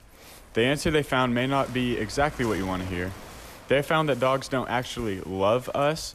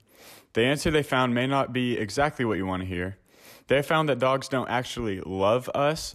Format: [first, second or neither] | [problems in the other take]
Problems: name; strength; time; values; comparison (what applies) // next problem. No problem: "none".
second | wind noise on the microphone; occasional gusts; 20 dB below the speech